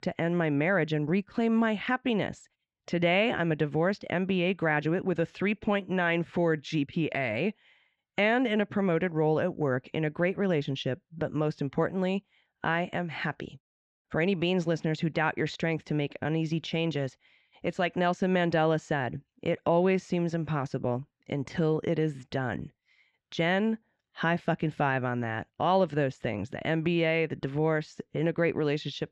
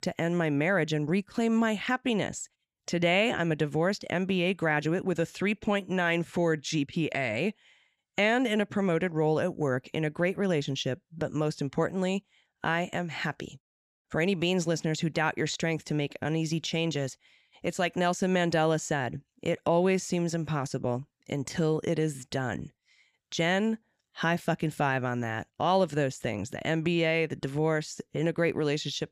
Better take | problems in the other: second | muffled; slightly; fading above 3 kHz

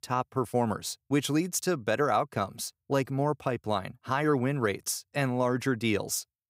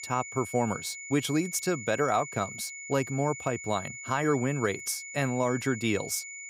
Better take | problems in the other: first | high-pitched whine; loud; throughout; 2 kHz, 9 dB below the speech

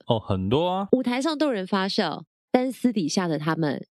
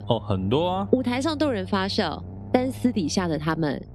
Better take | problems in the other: first | low rumble; faint; throughout; 20 dB below the speech

